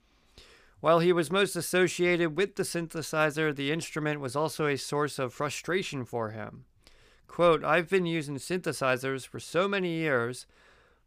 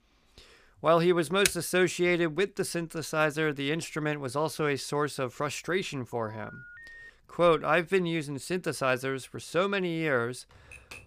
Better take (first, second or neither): first